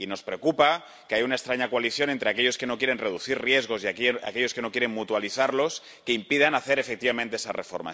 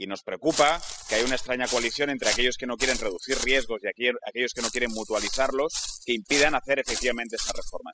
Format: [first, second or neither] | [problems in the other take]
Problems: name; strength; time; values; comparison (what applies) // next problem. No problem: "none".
first | noise reduction (classical method spectral subtraction)